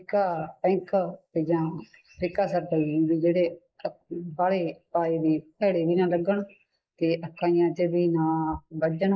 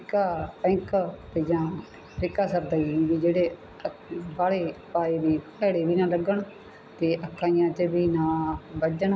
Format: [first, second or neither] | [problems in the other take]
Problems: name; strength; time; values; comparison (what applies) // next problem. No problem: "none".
second | noise reduction (neural mask model Resemble Enhance denoiser)